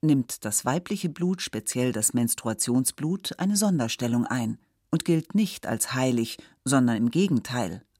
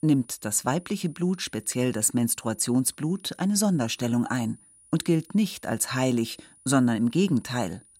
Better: first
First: none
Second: high-pitched whine; faint; throughout; 9.5 kHz, 25 dB below the speech

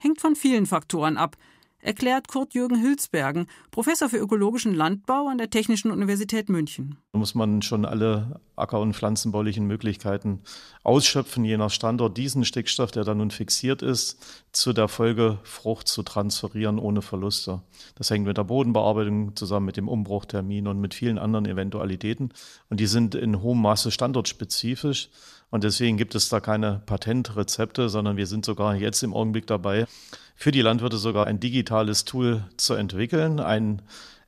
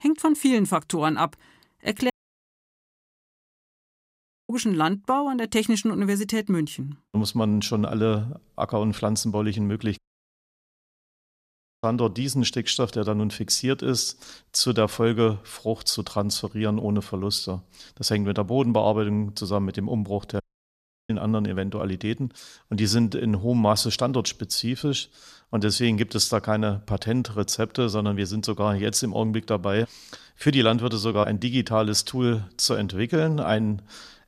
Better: first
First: none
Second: audio cutting out; at 2 s for 2.5 s, at 10 s for 2 s and at 20 s for 0.5 s

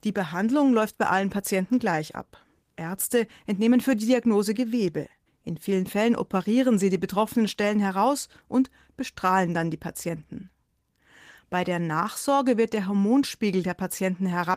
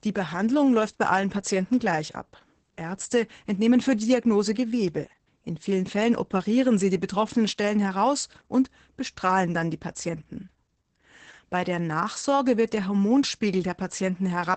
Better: first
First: garbled, watery; slightly; nothing above 15 kHz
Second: garbled, watery; badly; nothing above 8 kHz

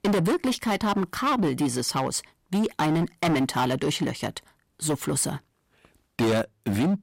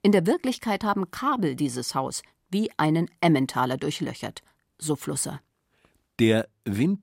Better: second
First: distortion; heavy; 15% of the sound clipped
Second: none

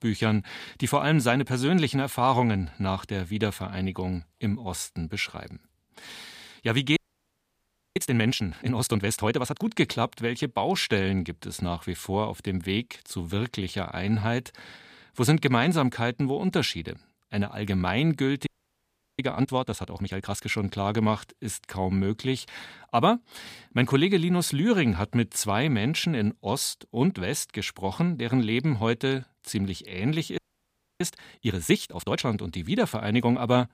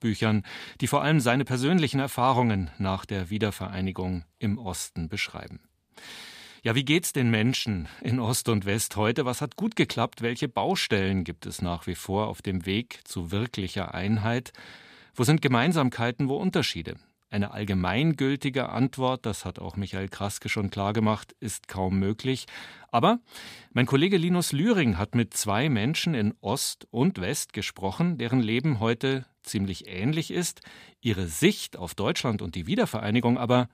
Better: second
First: audio freezing; at 7 s for 1 s, at 18 s for 0.5 s and at 30 s for 0.5 s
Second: none

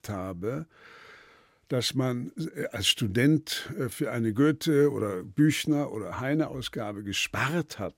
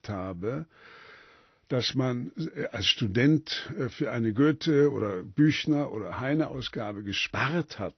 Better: first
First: none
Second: garbled, watery; slightly; nothing above 6 kHz

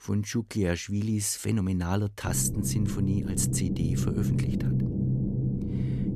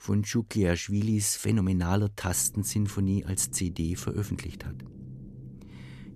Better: second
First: low rumble; loud; from 2.5 s on; 4 dB below the speech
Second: low rumble; faint; from 2.5 s on; 20 dB below the speech

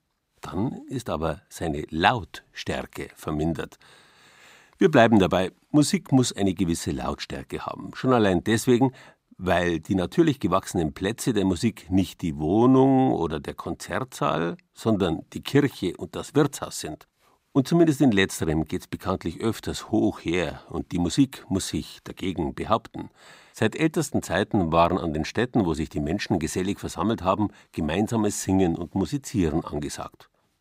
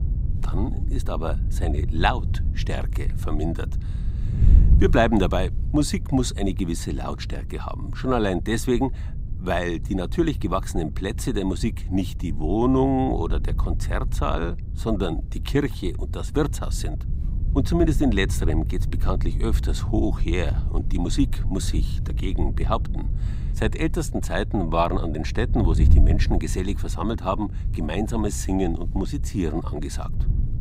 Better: first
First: none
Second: wind noise on the microphone; occasional gusts; 15 dB below the speech

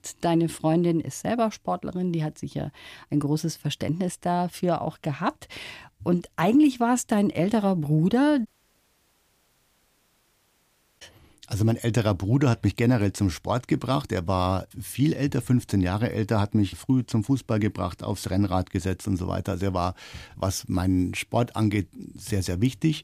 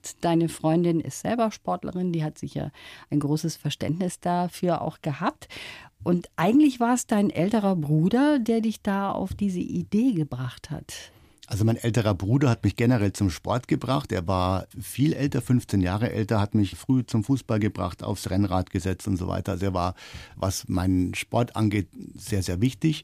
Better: second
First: audio cutting out; at 8.5 s for 2.5 s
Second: none

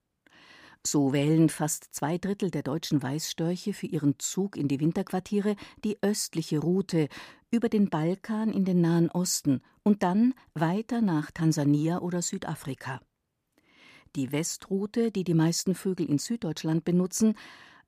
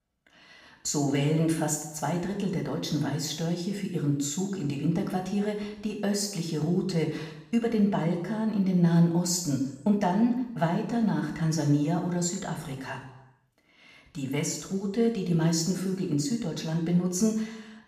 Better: first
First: none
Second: room echo; noticeable; dies away in 0.8 s // off-mic speech; somewhat distant

